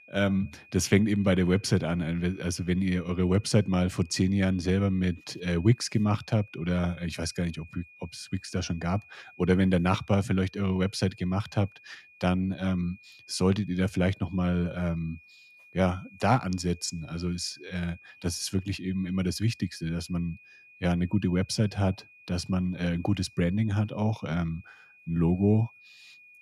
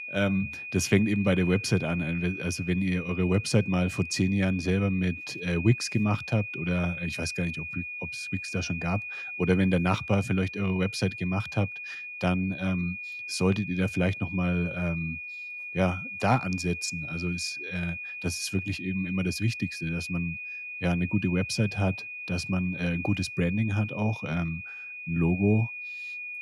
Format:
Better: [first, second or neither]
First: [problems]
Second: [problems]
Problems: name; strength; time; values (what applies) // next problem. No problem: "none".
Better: first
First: high-pitched whine; faint; throughout; 2.5 kHz, 25 dB below the speech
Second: high-pitched whine; loud; throughout; 2.5 kHz, 7 dB below the speech